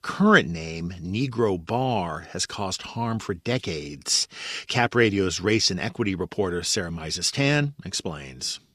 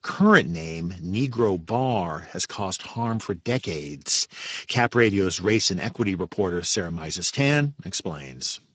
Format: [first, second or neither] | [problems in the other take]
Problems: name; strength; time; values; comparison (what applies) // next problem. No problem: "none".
first | garbled, watery; badly; nothing above 7.5 kHz